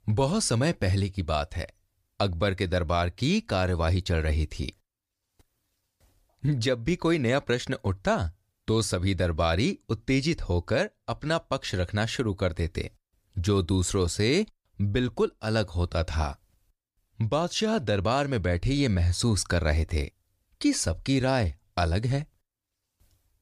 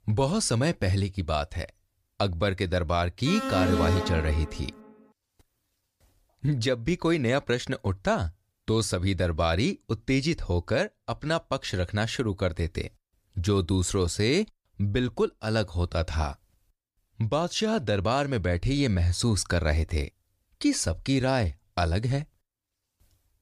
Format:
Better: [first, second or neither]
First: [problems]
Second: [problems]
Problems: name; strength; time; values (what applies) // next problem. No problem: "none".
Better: first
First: none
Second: alarm; loud; from 3.5 to 4.5 s; peak 1 dB above the speech